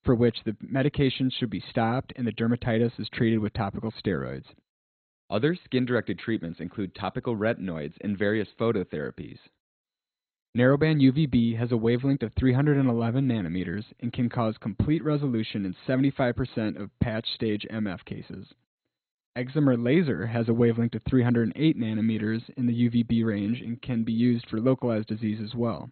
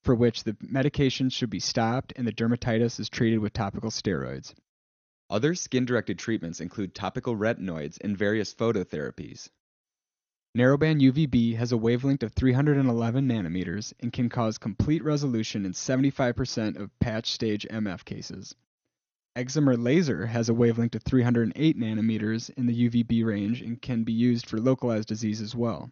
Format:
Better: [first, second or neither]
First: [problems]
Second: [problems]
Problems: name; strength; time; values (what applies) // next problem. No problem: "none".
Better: second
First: garbled, watery; badly; nothing above 4 kHz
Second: garbled, watery; slightly; nothing above 6.5 kHz